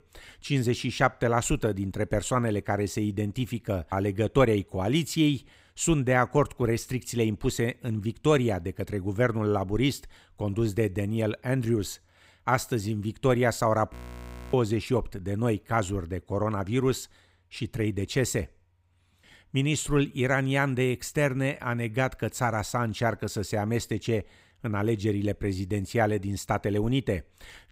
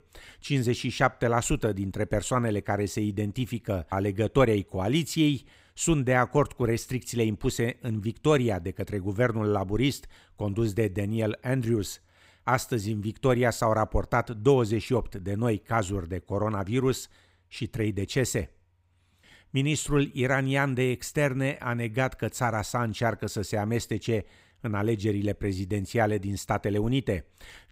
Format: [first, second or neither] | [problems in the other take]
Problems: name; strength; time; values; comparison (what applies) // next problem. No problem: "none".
second | audio freezing; at 14 s for 0.5 s